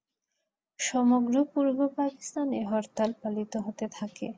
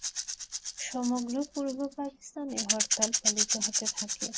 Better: first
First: none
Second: background sound (Rattle / Rattle (instrument)); 3 dB above the speech

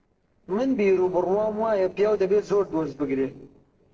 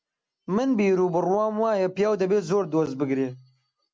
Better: second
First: noise reduction (neural separator model SepFormer DNS4)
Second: none

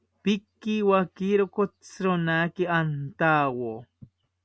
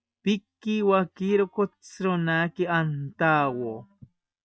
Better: first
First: none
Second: noise reduction (neural mask model DeepFilterNet 3)

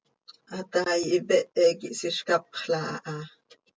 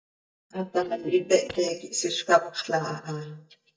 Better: first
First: none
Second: noise reduction (neural mask model DeepFilterNet 3)

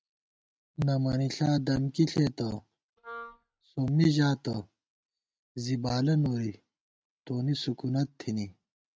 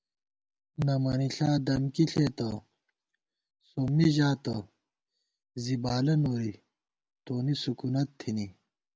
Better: second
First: noise reduction (neural mask model RNNoise)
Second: none

